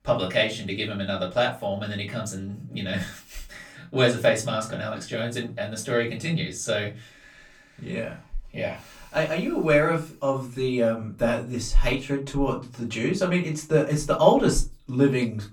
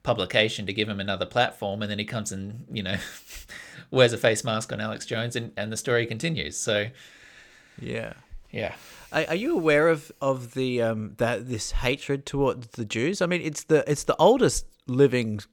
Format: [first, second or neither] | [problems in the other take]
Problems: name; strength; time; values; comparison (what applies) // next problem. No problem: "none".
second | off-mic speech; far // room echo; very slight; dies away in 0.2 s